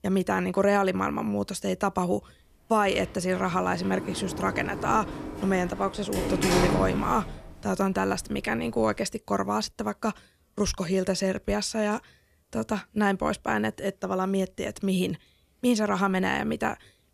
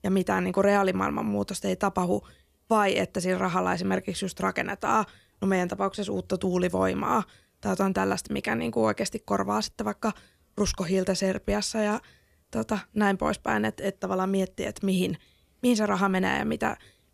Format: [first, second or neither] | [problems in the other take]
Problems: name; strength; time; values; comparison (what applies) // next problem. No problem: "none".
second | door banging; loud; from 3 to 9 s; peak 3 dB above the speech